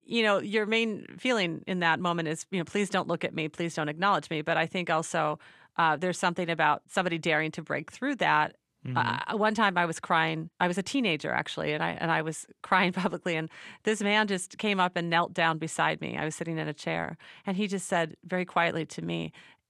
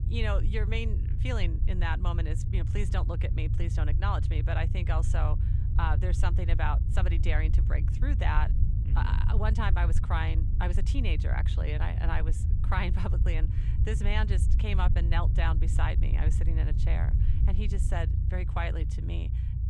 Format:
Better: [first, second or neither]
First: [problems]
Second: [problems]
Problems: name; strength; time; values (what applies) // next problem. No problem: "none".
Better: first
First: none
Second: low rumble; loud; throughout; 8 dB below the speech